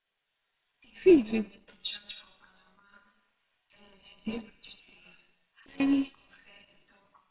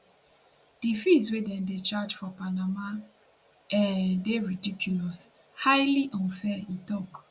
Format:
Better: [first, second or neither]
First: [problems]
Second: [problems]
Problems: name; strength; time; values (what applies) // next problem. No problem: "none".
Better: second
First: noise reduction (neural separator model SepFormer WHAMR!)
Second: none